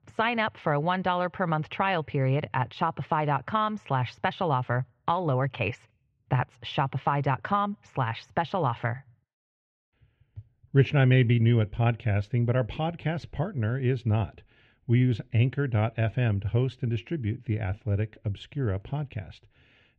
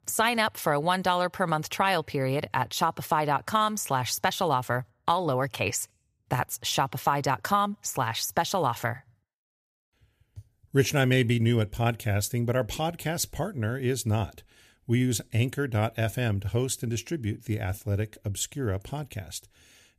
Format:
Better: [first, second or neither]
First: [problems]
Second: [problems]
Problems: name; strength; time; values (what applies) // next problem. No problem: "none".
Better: second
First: muffled; very; fading above 3 kHz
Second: none